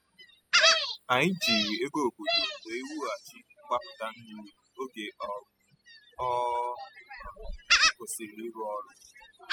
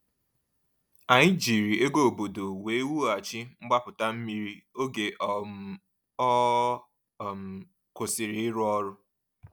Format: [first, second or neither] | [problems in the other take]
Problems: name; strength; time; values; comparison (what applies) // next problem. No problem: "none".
second | noise reduction (classical method spectral subtraction)